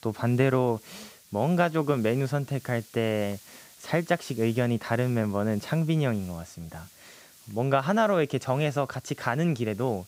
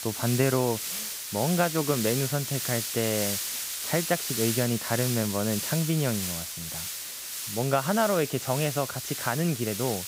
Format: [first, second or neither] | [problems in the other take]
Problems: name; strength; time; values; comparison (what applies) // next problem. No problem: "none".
first | hiss; loud; throughout; 3 dB below the speech; faint in the first